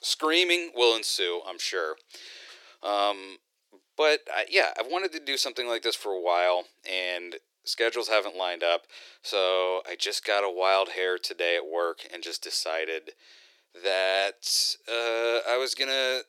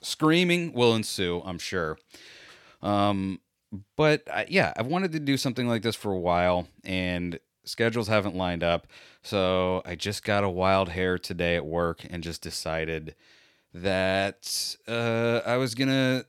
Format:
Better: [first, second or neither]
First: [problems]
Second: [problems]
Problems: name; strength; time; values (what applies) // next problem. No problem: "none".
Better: second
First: thin; very; fading below 350 Hz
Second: none